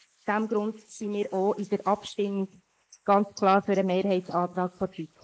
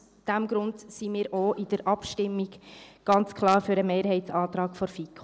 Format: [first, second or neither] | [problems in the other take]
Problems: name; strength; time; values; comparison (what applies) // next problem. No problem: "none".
second | noise reduction (neural mask model Resemble Enhance denoiser)